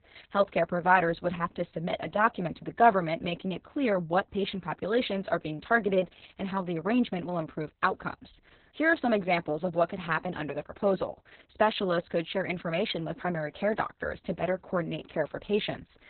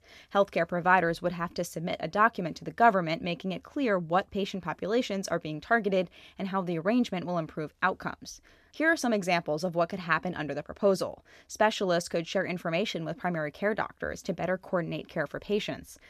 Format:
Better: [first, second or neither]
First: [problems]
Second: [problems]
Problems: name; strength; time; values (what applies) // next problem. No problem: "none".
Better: second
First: garbled, watery; badly; nothing above 4 kHz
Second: none